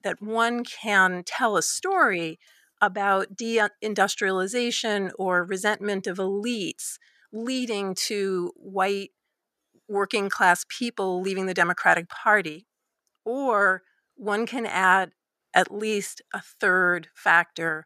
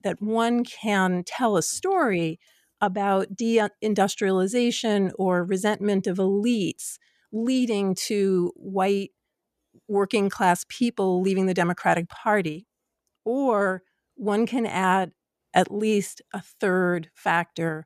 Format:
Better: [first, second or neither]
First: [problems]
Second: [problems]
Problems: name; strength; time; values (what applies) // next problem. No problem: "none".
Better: second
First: thin; somewhat; fading below 450 Hz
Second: none